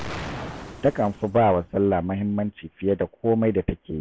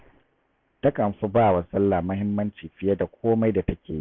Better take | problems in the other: second | background sound (Explosion); 15 dB below the speech

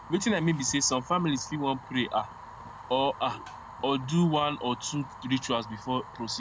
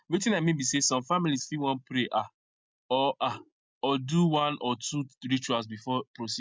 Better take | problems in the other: second | background sound (Fire); 15 dB below the speech

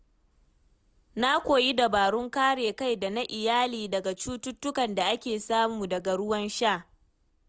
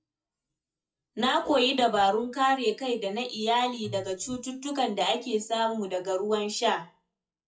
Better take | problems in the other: first | noise reduction (classical method WPE with log-MMSE)

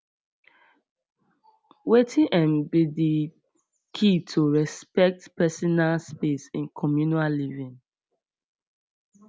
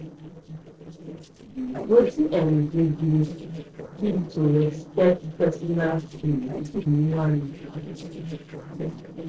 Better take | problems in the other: first | noise reduction (neural separator model SepFormer DNS4)

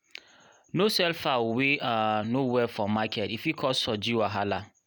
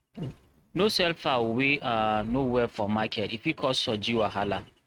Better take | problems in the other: first | noise reduction (neural mask model RNNoise)

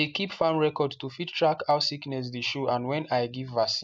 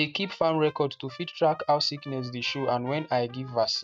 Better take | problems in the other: first | noise reduction (neural mask model RNNoise)

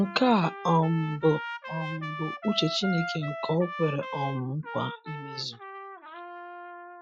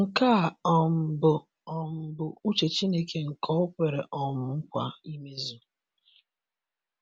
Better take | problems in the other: second | noise reduction (classical method Wiener filter)

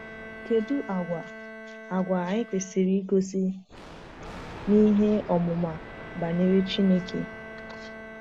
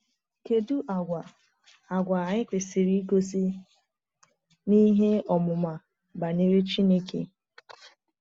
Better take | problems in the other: second | background sound (Bowed string instrument + Thunder); 14 dB below the speech

